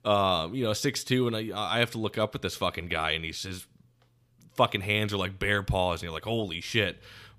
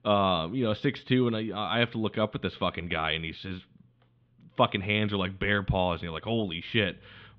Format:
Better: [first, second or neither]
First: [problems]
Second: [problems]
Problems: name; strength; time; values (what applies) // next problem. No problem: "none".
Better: first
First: none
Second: muffled; very; fading above 3.5 kHz